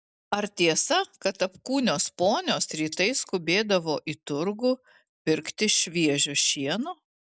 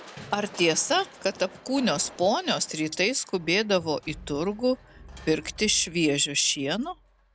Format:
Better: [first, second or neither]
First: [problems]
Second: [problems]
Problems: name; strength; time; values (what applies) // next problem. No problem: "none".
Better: first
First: none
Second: background sound (Crushing); 20 dB below the speech